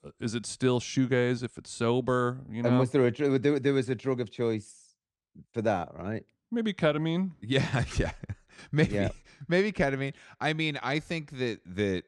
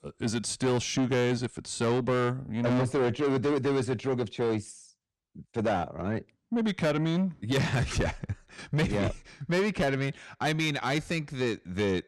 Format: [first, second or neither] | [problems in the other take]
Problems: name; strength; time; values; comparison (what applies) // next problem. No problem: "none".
first | distortion; heavy; 8 dB below the speech